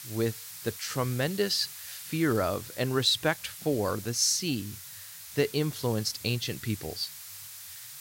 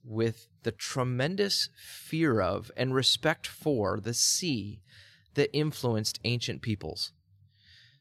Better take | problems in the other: second | hiss; noticeable; throughout; 10 dB below the speech

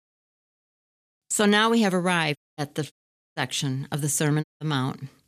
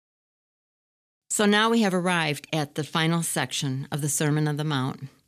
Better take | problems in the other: second | audio cutting out; at 2.5 s, at 3 s and at 4.5 s

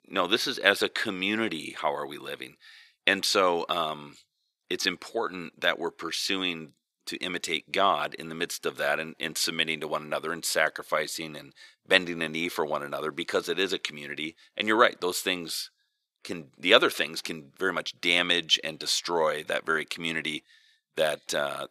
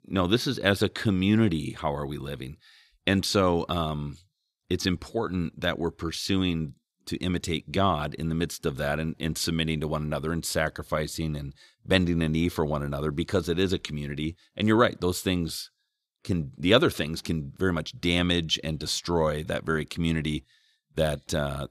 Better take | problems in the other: second | thin; somewhat; fading below 450 Hz

